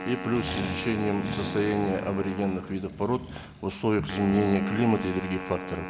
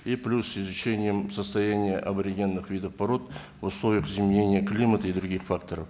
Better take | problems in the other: second | background sound (Wind instrument, woodwind instrument + Accelerating, revving, vroom); 8 dB below the speech

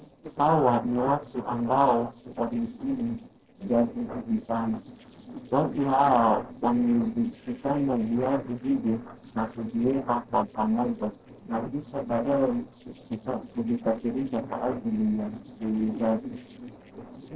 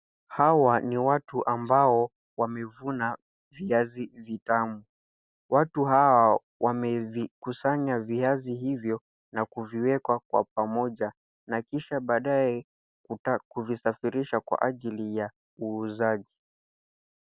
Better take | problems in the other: second | noise reduction (neural separator model SepFormer DNS4)

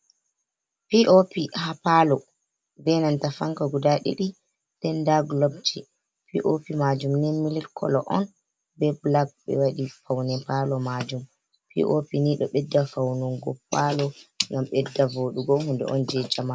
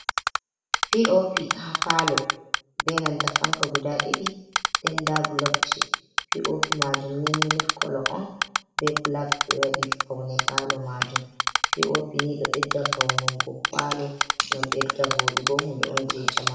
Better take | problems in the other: first | background sound (Typing); 2 dB above the speech // room echo; dies away in 0.8 s

